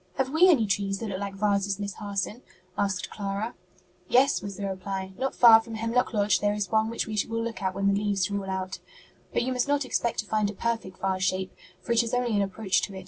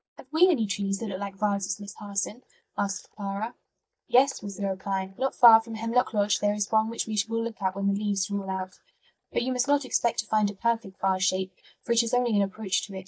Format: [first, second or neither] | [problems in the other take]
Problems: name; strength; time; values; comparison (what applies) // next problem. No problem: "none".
first | noise reduction (neural mask model DeepFilterNet 3)